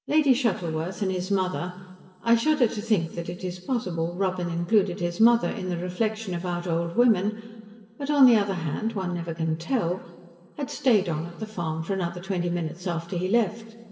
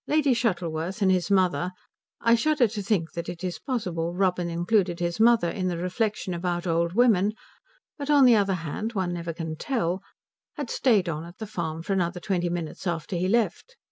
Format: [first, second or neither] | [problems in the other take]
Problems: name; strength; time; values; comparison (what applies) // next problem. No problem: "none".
second | room echo; dies away in 2.6 s